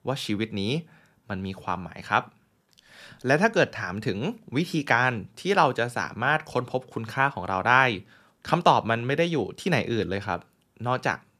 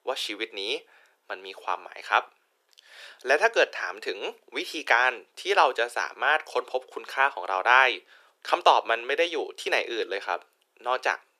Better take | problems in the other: first | thin; very; fading below 400 Hz

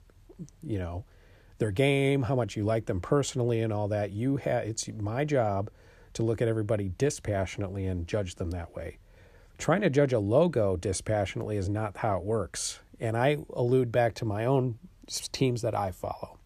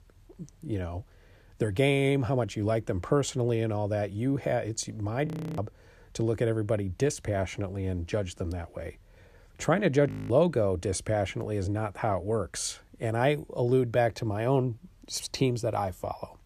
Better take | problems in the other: first | audio freezing; at 5.5 s and at 10 s

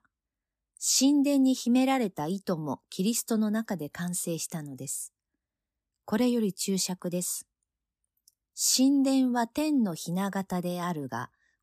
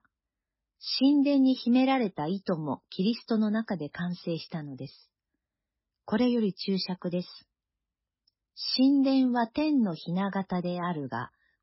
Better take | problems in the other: first | garbled, watery; badly; nothing above 5.5 kHz

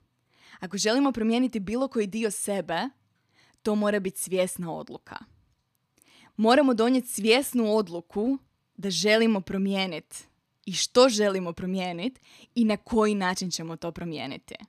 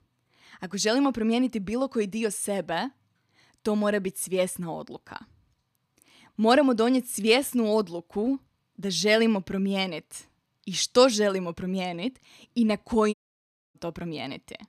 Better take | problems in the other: first | audio cutting out; at 13 s for 0.5 s

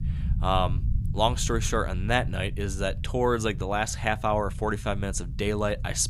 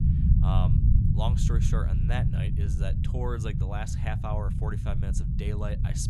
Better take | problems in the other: first | low rumble; loud; throughout; 2 dB below the speech; faint in the first

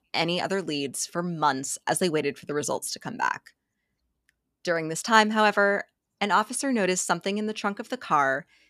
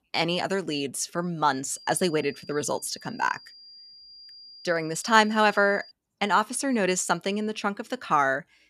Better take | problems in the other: first | high-pitched whine; faint; from 2 to 6 s; 5 kHz, 20 dB below the speech

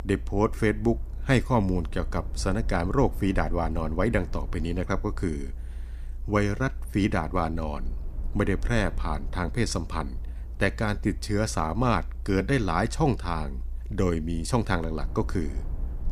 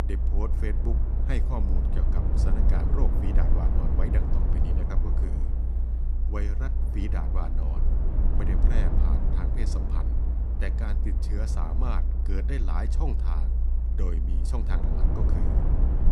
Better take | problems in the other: first | low rumble; loud; throughout; 1 dB below the speech; faint in the first

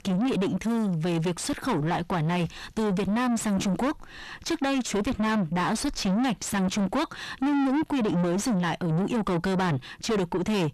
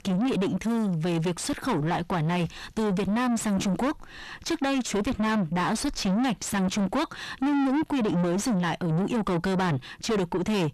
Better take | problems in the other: neither | distortion; heavy; 5 dB below the speech; the same in both

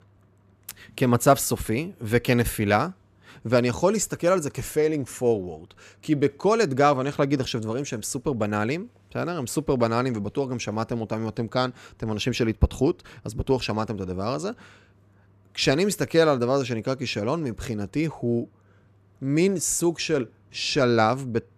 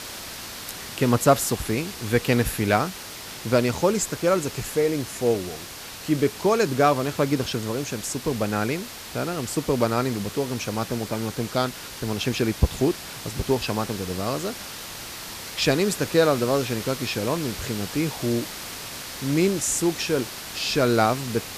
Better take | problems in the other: first | hiss; noticeable; throughout; 10 dB below the speech

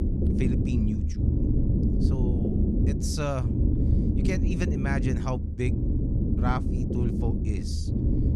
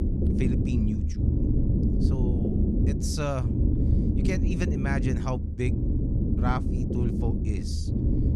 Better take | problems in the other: neither | low rumble; loud; throughout; as loud as the speech; the same in both

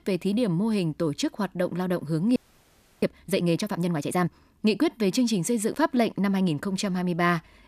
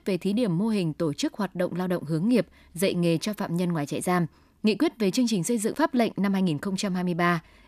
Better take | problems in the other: second | audio freezing; at 2.5 s for 0.5 s

